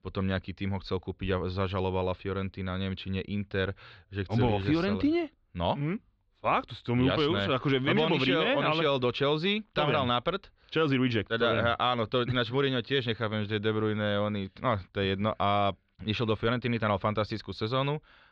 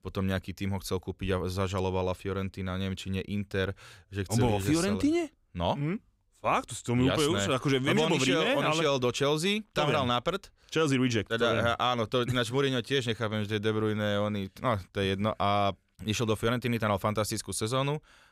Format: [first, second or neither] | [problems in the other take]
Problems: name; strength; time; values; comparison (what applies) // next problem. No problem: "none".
second | muffled; slightly; fading above 4 kHz